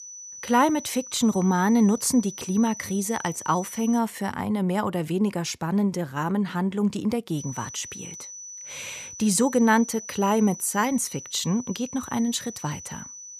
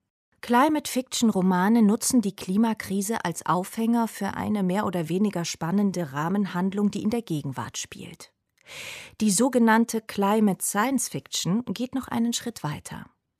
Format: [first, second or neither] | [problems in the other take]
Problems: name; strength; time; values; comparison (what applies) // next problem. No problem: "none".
second | high-pitched whine; noticeable; until 4 s and from 7.5 s on; 6 kHz, 15 dB below the speech